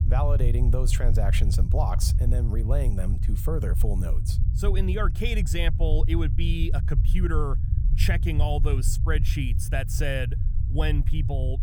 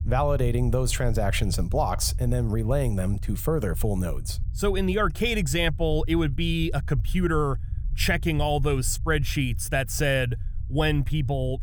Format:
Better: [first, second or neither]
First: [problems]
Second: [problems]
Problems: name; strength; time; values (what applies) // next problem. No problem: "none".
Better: second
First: low rumble; loud; throughout; 10 dB below the speech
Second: low rumble; faint; throughout; 25 dB below the speech